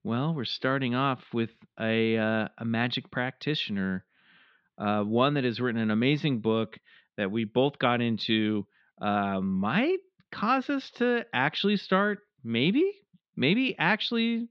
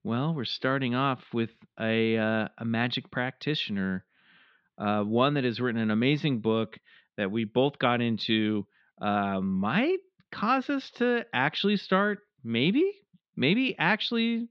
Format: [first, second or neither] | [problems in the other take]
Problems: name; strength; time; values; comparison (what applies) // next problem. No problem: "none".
neither | muffled; slightly; fading above 3.5 kHz; the same in both